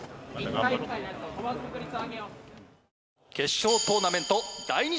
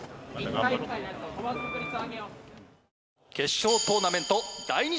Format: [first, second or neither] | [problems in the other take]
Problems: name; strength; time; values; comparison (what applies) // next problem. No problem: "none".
first | background sound (Wind instrument, woodwind instrument); 10 dB below the speech